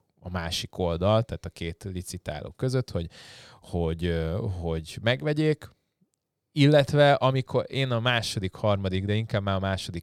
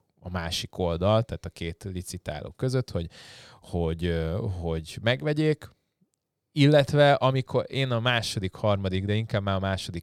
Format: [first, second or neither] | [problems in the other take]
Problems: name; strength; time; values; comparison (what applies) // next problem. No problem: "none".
neither | none